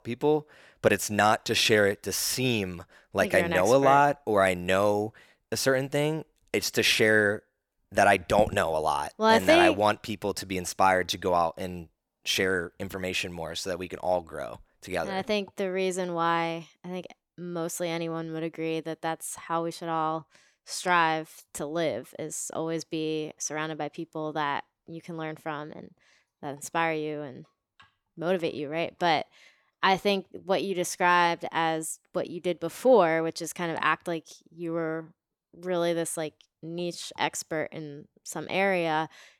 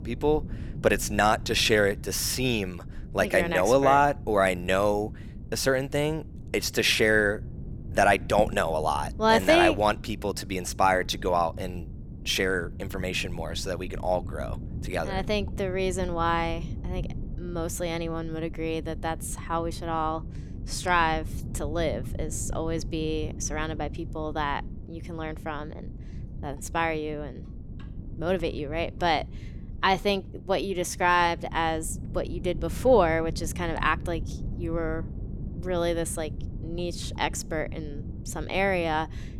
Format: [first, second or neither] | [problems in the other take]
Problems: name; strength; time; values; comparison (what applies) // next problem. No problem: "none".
first | wind noise on the microphone; occasional gusts; 25 dB below the speech